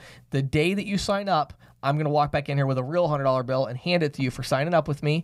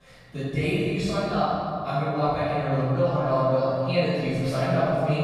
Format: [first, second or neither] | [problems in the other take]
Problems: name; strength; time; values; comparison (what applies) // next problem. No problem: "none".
first | off-mic speech; far // room echo; strong; dies away in 2.3 s